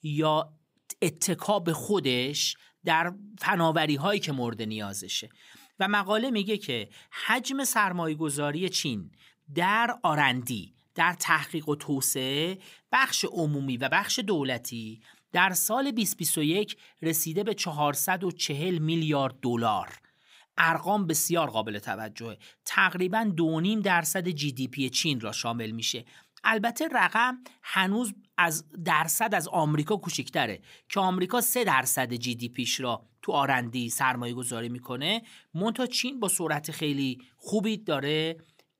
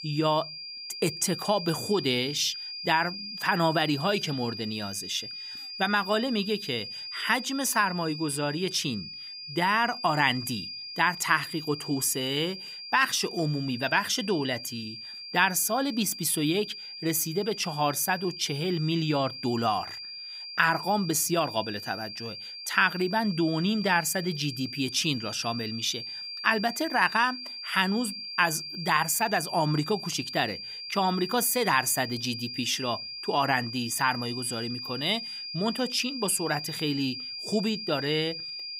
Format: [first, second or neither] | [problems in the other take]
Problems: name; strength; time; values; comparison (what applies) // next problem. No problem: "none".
first | high-pitched whine; loud; throughout; 4.5 kHz, 9 dB below the speech